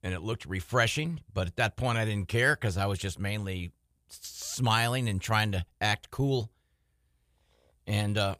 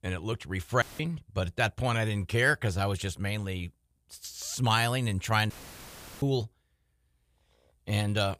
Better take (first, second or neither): first